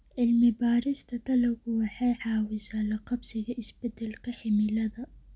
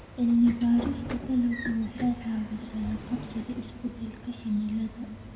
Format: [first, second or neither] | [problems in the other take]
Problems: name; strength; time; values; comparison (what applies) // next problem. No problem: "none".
first | background sound (Sliding door / Train); 12 dB below the speech // room echo; dies away in 1.8 s